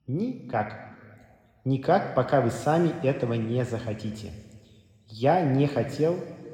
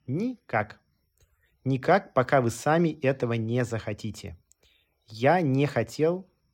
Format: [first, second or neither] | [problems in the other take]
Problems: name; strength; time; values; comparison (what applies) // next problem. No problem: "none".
second | room echo; noticeable; dies away in 1.7 s